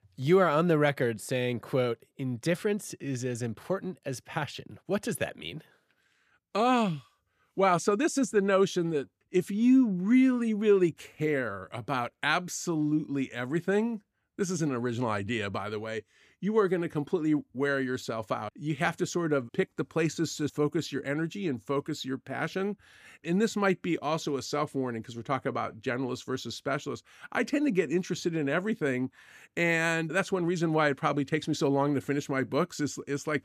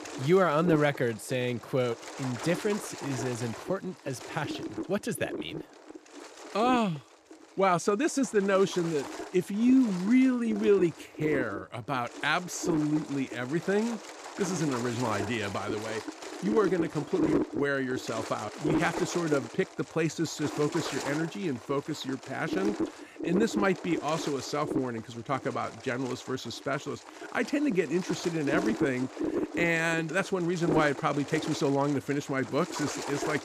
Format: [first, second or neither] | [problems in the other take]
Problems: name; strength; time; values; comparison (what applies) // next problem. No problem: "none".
first | wind noise on the microphone; heavy; 8 dB below the speech